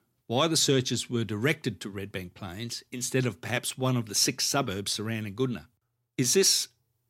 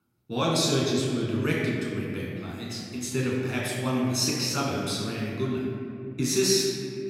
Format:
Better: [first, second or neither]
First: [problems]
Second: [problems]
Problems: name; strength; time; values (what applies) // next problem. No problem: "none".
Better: first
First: none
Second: off-mic speech; far // room echo; noticeable; dies away in 2.5 s